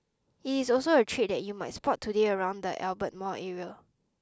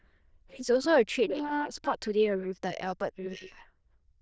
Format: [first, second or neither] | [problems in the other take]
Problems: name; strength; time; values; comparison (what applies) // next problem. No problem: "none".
first | noise reduction (neural diffusion model UNIVERSE++)